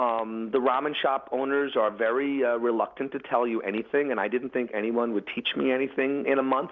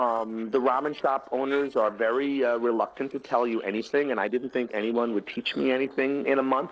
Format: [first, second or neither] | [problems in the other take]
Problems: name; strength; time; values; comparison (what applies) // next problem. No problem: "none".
first | noise reduction (neural separator model SepFormer DNS4)